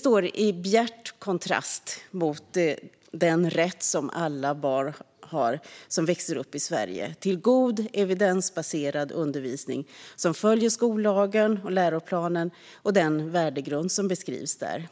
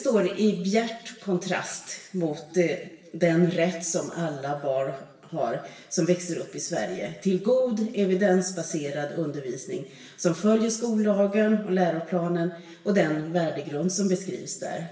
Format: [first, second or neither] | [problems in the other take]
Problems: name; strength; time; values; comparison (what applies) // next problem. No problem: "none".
first | room echo; dies away in 0.9 s